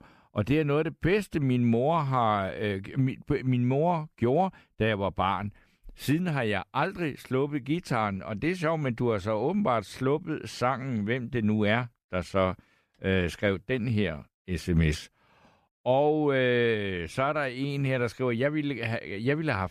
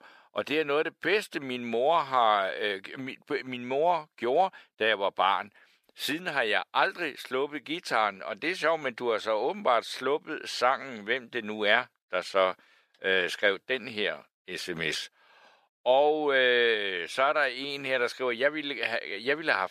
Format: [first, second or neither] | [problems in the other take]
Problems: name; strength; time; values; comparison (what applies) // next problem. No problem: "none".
first | thin; very; fading below 550 Hz